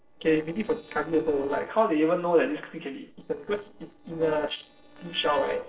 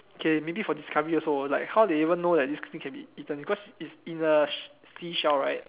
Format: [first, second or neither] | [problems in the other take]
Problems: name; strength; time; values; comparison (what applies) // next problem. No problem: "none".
second | noise reduction (neural separator model SepFormer DNS4)